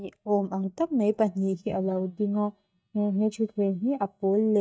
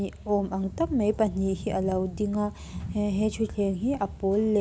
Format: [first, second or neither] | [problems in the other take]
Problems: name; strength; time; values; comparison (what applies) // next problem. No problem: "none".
second | noise reduction (neural mask model DeepFilterNet 3)